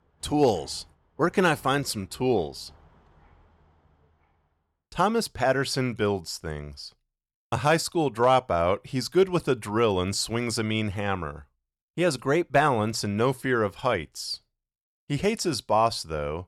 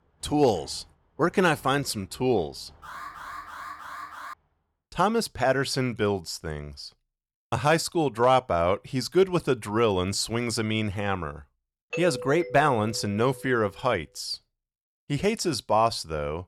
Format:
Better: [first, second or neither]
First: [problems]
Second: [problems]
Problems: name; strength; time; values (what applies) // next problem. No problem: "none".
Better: first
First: none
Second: alarm; faint; from 3 to 4.5 s; peak 15 dB below the speech // doorbell; noticeable; from 12 to 14 s; peak 8 dB below the speech